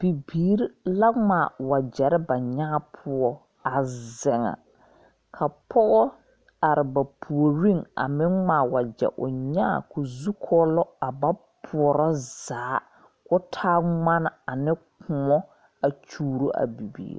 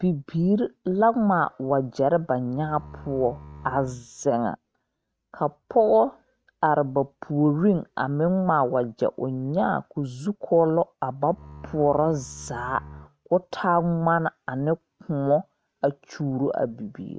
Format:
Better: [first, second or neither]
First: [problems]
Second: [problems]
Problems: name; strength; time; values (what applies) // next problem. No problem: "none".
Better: first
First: none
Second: noise reduction (neural mask model RNNoise)